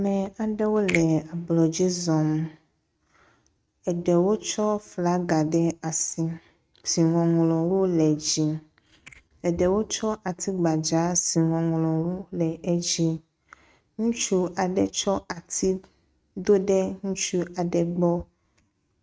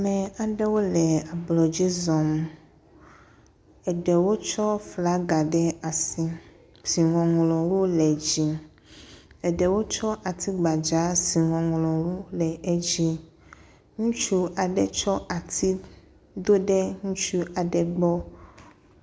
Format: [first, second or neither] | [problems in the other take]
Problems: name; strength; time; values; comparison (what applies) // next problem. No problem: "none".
second | noise reduction (neural mask model RNNoise)